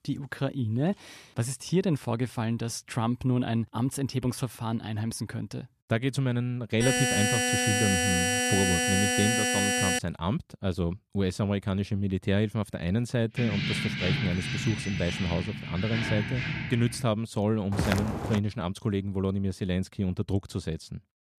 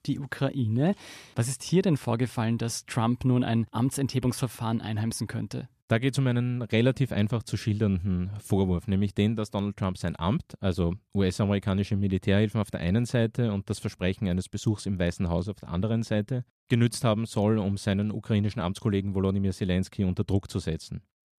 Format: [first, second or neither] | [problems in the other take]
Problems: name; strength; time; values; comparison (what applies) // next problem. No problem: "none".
second | alarm; loud; from 7 to 10 s; peak 5 dB above the speech // jangling keys; loud; from 13 to 17 s; peak 1 dB above the speech // footsteps; loud; at 18 s; peak 1 dB above the speech